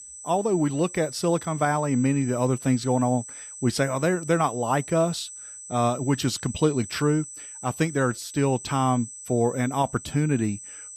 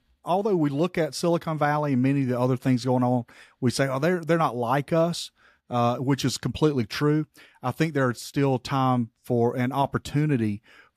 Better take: second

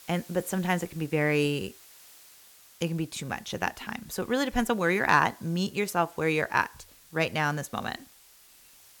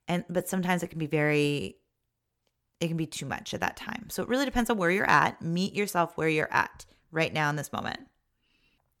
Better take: second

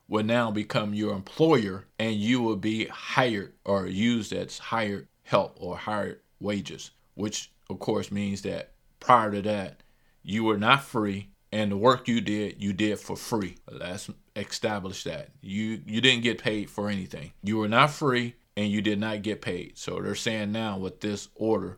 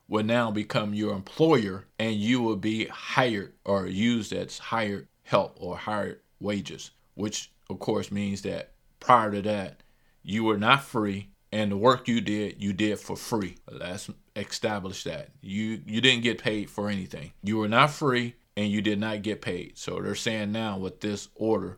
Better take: neither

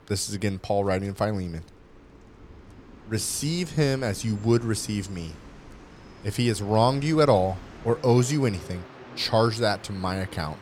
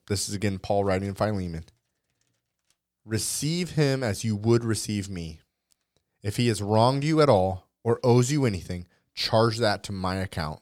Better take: second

